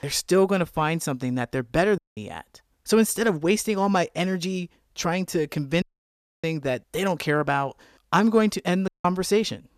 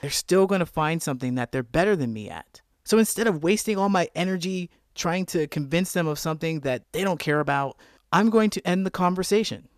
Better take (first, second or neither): second